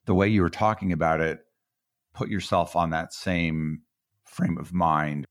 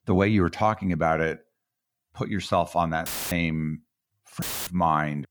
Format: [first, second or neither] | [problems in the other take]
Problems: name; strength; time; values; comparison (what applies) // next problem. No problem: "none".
first | audio cutting out; filled with static; at 3 s and at 4.5 s